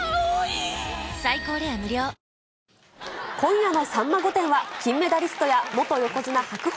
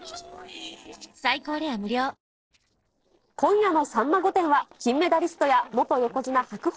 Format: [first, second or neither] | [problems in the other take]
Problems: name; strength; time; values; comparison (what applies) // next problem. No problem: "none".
first | noise reduction (neural separator model SepFormer DNS4)